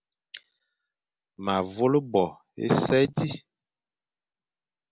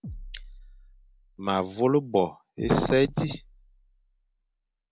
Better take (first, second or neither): first